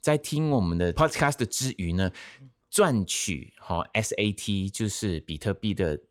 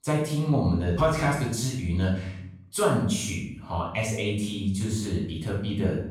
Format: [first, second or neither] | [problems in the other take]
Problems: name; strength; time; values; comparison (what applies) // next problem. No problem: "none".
first | off-mic speech; far // room echo; noticeable; dies away in 0.6 s